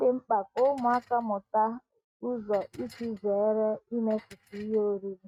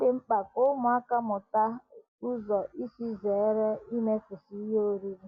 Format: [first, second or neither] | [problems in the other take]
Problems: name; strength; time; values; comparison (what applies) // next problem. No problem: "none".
second | noise reduction (neural mask model RNNoise)